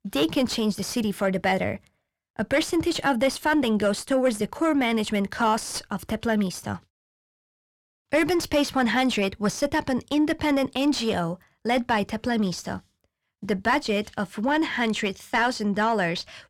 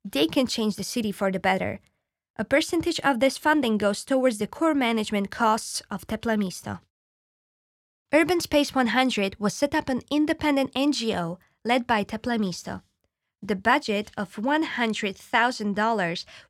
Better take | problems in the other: second | distortion; slight; 10 dB below the speech

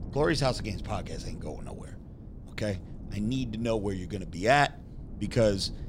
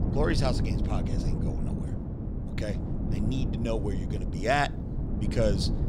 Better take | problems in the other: first | wind noise on the microphone; heavy; 9 dB below the speech; occasional gusts in the first

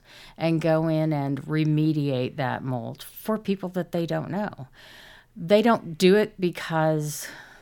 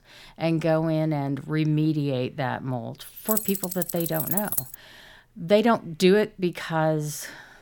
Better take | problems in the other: first | jangling keys; loud; from 3.5 to 5 s; peak 1 dB above the speech

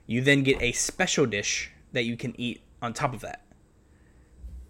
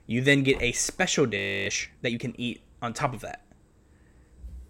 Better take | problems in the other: first | audio freezing; at 1.5 s

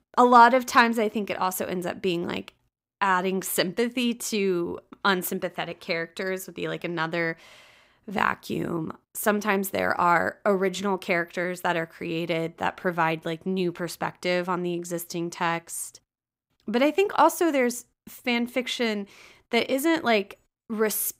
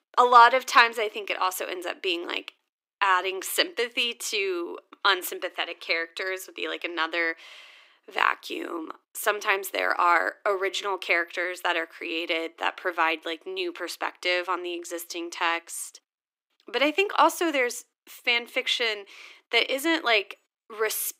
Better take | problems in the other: first | thin; very; fading below 300 Hz

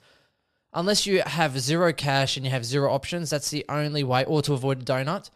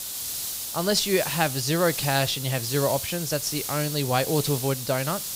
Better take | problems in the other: first | hiss; loud; throughout; 5 dB below the speech

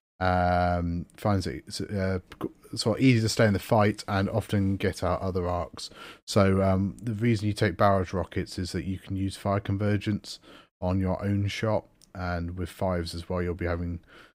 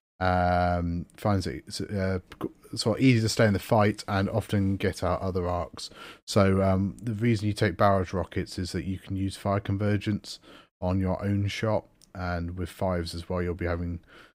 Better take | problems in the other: neither | none

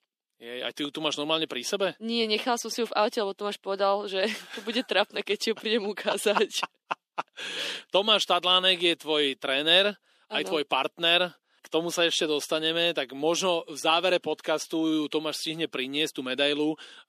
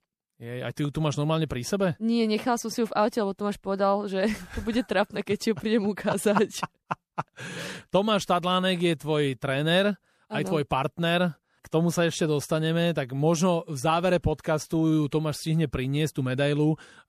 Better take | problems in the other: second | thin; somewhat; fading below 250 Hz

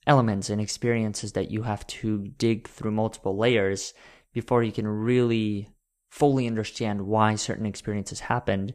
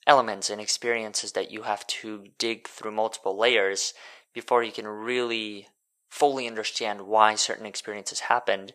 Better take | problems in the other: first | thin; very; fading below 650 Hz

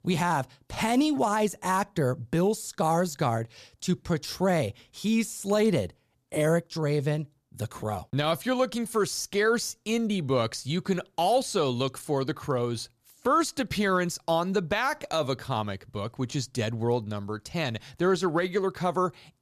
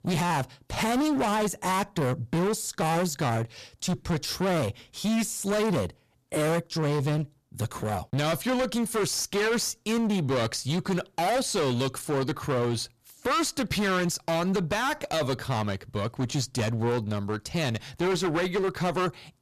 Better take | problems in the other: first | distortion; heavy; 23% of the sound clipped

